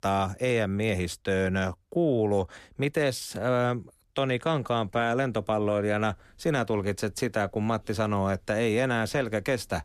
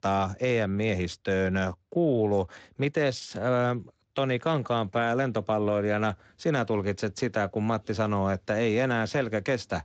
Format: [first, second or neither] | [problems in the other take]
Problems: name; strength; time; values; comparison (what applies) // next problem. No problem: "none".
first | garbled, watery; slightly; nothing above 7.5 kHz